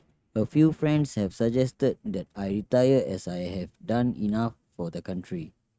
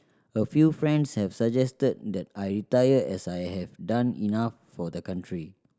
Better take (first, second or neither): second